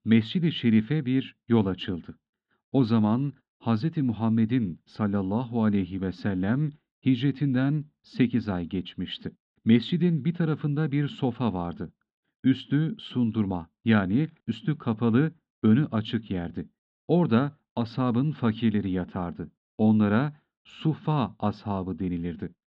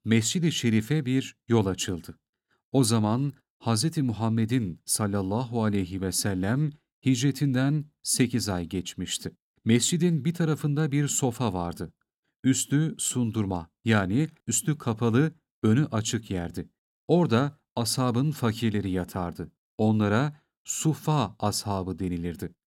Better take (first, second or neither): second